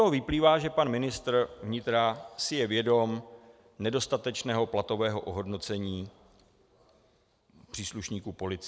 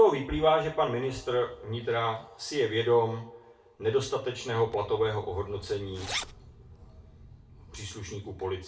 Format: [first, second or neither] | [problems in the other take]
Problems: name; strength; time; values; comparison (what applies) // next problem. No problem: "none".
first | background sound (Zipper (clothing)); 14 dB below the speech // room echo; dies away in 0.3 s